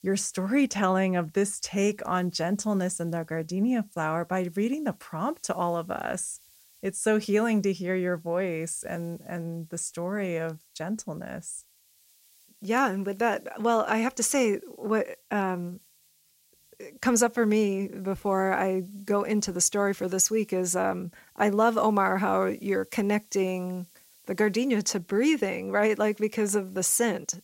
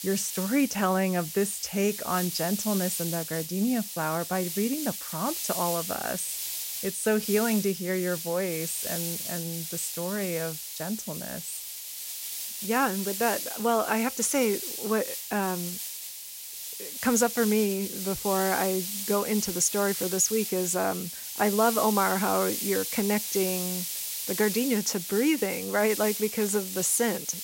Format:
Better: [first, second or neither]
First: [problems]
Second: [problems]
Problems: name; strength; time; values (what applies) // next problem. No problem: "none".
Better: first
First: hiss; faint; throughout; 30 dB below the speech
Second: hiss; loud; throughout; 4 dB below the speech